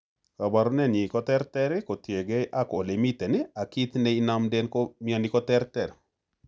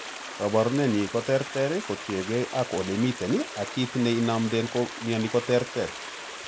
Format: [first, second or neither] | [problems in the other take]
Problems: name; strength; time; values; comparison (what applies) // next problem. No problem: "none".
first | background sound (Stream); 11 dB below the speech